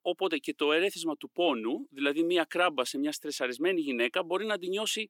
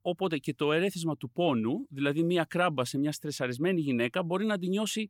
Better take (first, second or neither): second